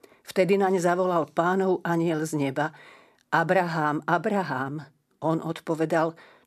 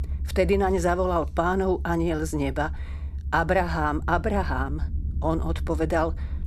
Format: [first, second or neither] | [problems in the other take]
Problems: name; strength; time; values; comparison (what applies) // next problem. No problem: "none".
first | low rumble; faint; throughout; 25 dB below the speech